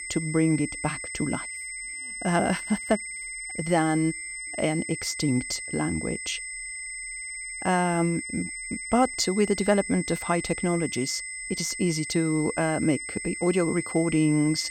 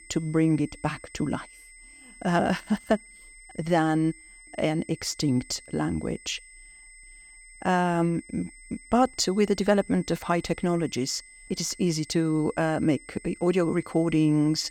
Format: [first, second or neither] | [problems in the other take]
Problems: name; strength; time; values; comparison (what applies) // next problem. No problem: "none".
second | high-pitched whine; loud; throughout; 2 kHz, 7 dB below the speech; faint in the second